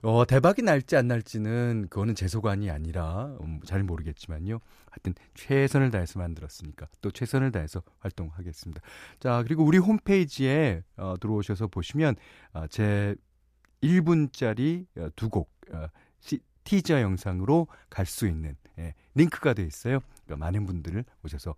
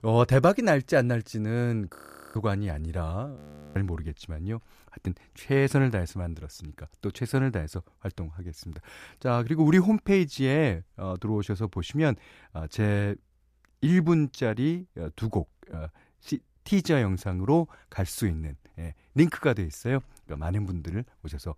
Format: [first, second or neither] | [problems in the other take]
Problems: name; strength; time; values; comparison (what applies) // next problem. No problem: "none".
first | audio freezing; at 2 s and at 3.5 s